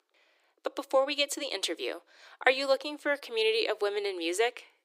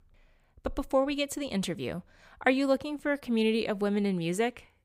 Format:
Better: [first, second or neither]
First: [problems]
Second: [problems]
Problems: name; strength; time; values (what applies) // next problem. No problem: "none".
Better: second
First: thin; very; fading below 300 Hz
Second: none